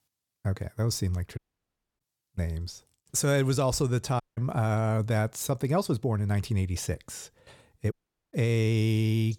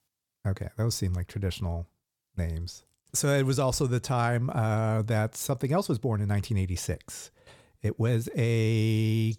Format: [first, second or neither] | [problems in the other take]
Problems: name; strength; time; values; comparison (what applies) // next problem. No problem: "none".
second | audio cutting out; at 1.5 s for 0.5 s, at 4 s and at 8 s